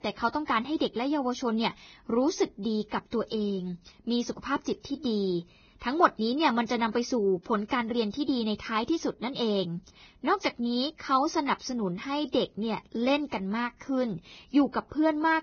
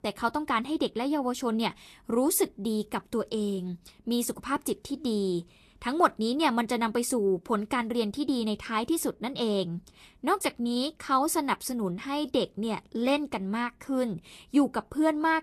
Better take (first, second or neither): second